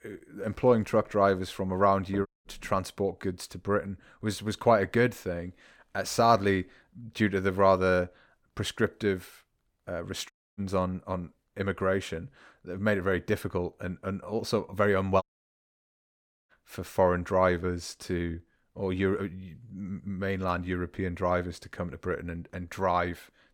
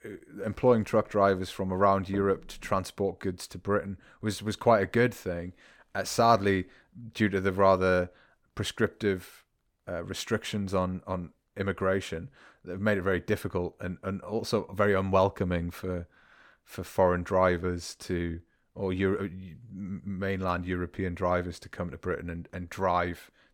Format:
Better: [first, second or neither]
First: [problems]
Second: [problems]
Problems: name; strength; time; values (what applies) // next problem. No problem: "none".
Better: second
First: audio cutting out; at 2.5 s, at 10 s and at 15 s for 1.5 s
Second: none